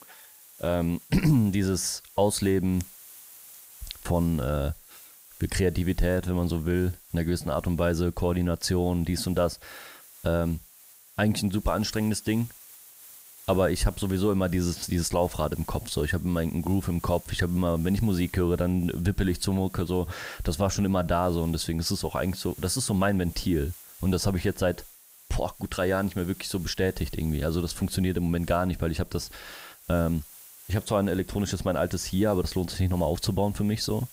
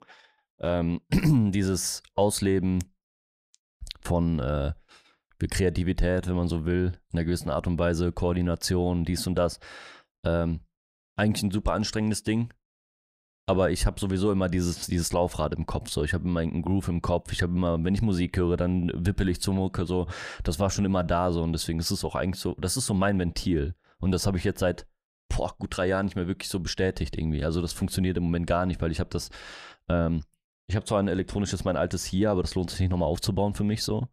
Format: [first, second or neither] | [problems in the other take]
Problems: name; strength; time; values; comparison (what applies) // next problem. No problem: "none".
second | hiss; noticeable; throughout; 20 dB below the speech